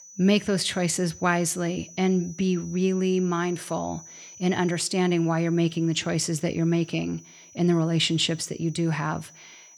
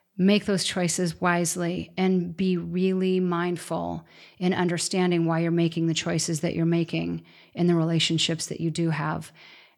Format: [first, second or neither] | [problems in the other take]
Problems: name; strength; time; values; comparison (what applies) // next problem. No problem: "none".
second | high-pitched whine; noticeable; throughout; 6 kHz, 20 dB below the speech